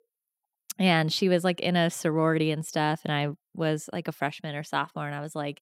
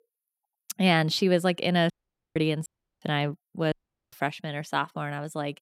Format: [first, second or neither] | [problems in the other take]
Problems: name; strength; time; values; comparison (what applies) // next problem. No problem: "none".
first | audio cutting out; at 2 s, at 2.5 s and at 3.5 s